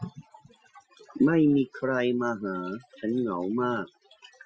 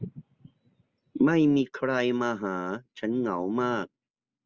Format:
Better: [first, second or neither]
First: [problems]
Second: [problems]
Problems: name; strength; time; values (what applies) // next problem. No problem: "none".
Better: second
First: noise reduction (classical method Wiener filter)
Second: none